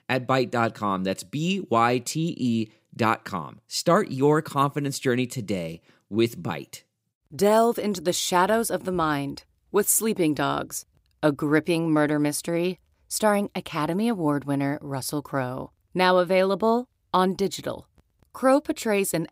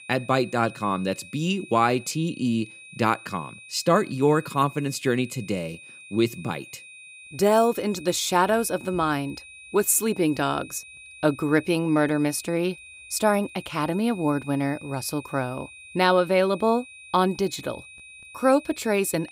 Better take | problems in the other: first | high-pitched whine; noticeable; throughout; 2.5 kHz, 20 dB below the speech

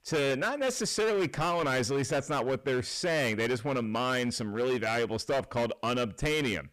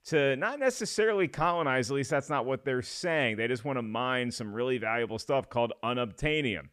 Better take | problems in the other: second | distortion; heavy; 20% of the sound clipped

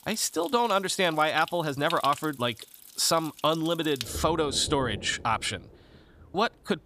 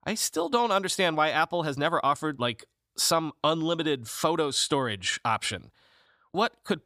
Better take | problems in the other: second | rain or running water; noticeable; throughout; 15 dB below the speech

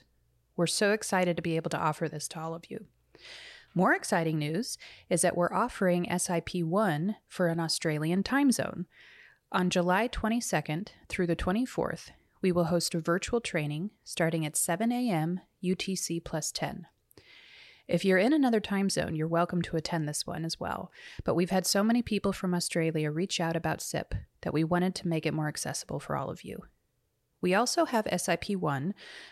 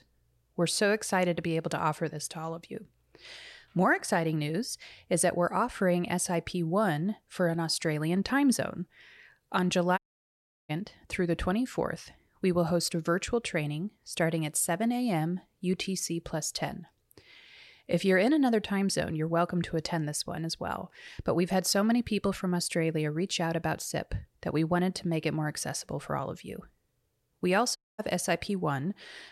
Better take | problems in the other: first | audio cutting out; at 10 s for 0.5 s and at 28 s

